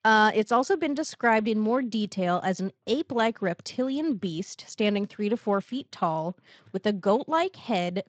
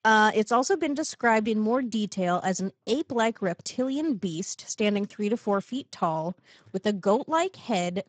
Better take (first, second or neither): first